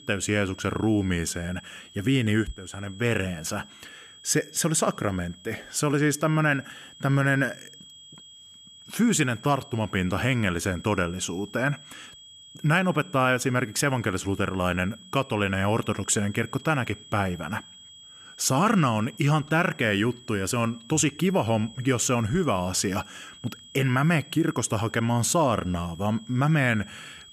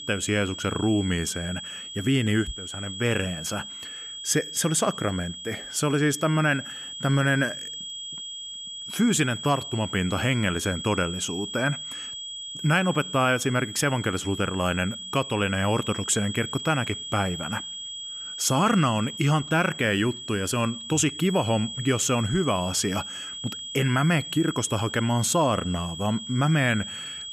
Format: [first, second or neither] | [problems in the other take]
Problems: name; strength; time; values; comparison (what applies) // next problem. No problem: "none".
first | high-pitched whine; loud; throughout; 3.5 kHz, 9 dB below the speech; faint in the first